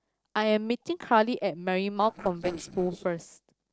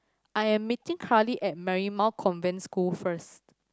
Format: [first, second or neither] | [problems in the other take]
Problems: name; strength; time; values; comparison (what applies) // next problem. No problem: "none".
second | noise reduction (neural separator model SepFormer DNS4)